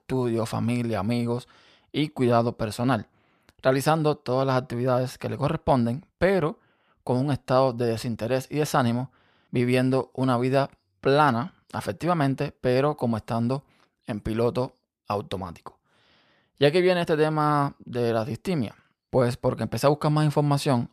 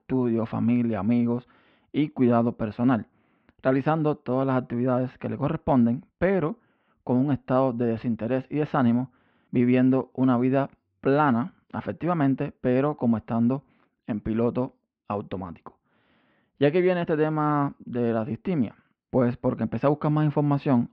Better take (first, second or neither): first